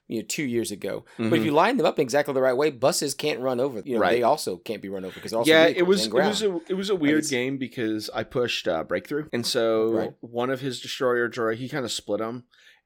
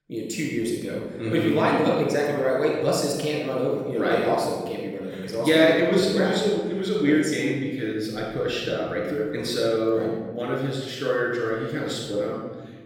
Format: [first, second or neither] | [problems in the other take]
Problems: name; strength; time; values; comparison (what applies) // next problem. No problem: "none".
first | off-mic speech; far // room echo; strong; dies away in 1.6 s